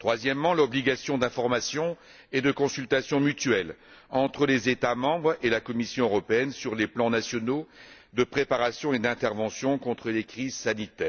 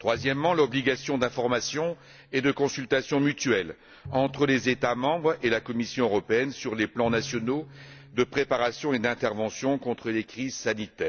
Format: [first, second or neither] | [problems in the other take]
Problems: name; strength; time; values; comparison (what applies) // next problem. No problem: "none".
first | background sound (Bowed string instrument); 20 dB below the speech